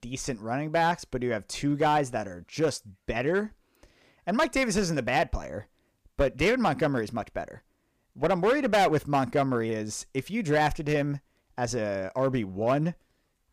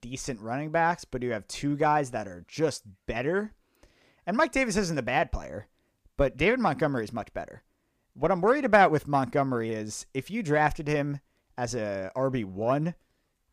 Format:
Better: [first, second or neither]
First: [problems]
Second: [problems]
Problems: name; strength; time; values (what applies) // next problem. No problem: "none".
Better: second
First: distortion; slight; 3% of the sound clipped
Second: none